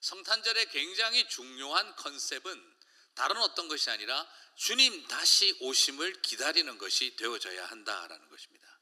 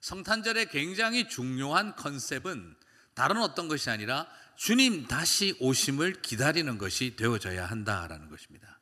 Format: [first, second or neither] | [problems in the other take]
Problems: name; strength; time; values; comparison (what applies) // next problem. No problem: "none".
second | thin; very; fading below 350 Hz